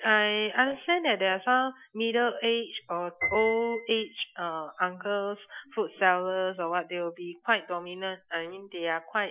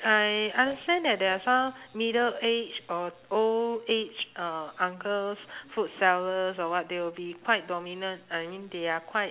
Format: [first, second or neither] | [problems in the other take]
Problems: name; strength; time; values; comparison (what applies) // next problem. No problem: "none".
second | noise reduction (classical method Wiener filter)